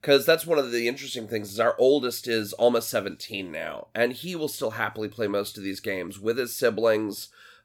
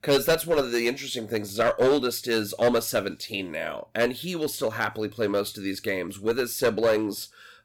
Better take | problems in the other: first | distortion; slight; 5% of the sound clipped

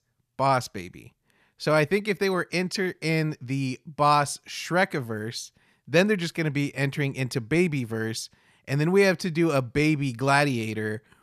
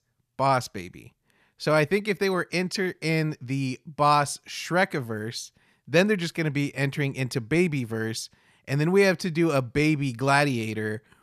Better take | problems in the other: neither | none

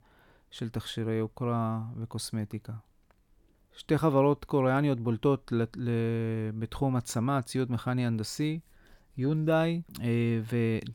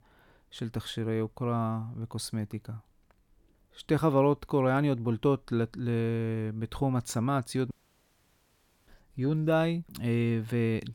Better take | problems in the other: first | audio cutting out; at 7.5 s for 1 s

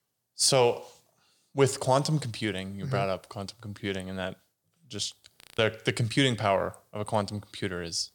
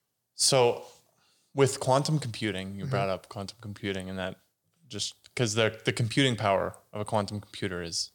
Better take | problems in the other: second | audio freezing; at 5.5 s

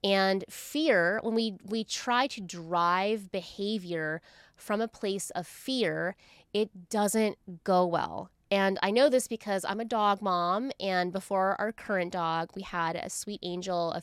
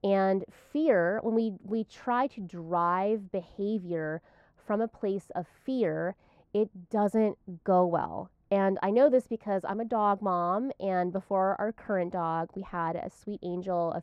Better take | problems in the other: first | muffled; very; fading above 2 kHz

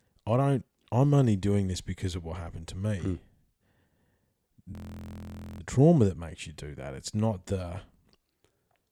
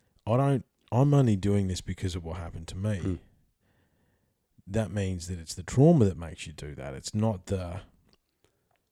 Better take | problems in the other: second | audio freezing; at 4.5 s for 1 s

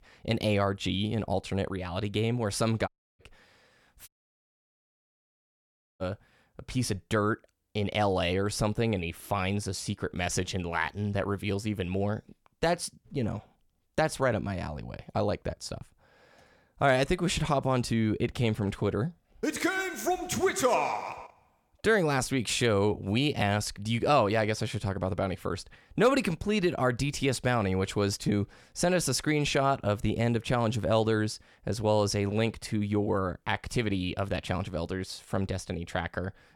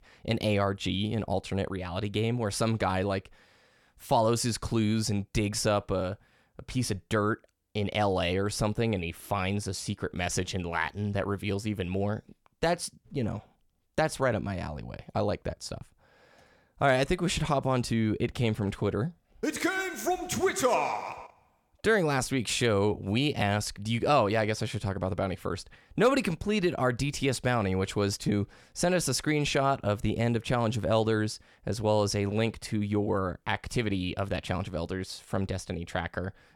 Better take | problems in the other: second | audio cutting out; at 3 s and at 4 s for 2 s

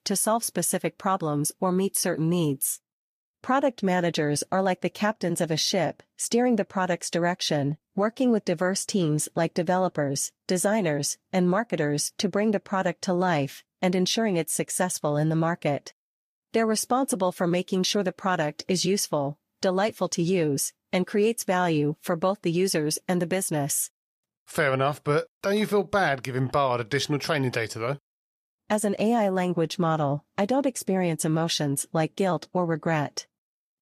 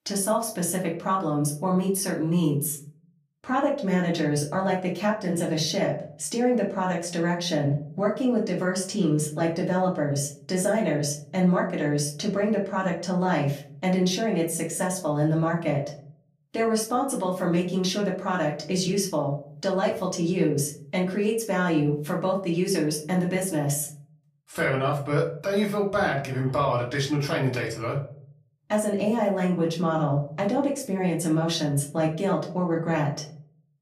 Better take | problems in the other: first | off-mic speech; far // room echo; slight; dies away in 0.5 s

